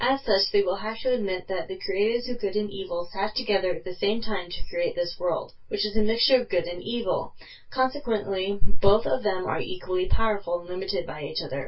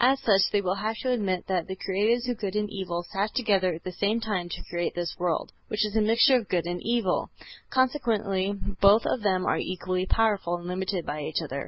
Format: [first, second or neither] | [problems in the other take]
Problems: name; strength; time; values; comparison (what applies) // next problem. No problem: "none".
second | room echo; dies away in 0.2 s